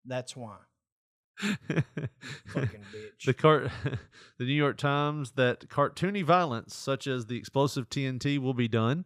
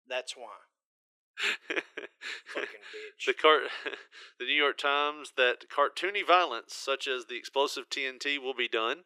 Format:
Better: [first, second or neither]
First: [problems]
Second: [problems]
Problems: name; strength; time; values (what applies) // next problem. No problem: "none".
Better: first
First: none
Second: thin; very; fading below 350 Hz